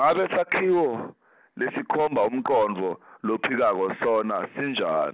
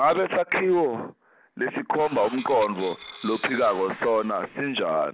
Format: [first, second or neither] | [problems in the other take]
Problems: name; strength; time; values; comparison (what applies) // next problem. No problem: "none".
first | background sound (Tools); 18 dB below the speech